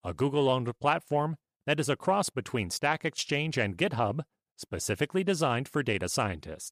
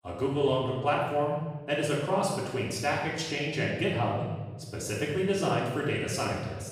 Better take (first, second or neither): first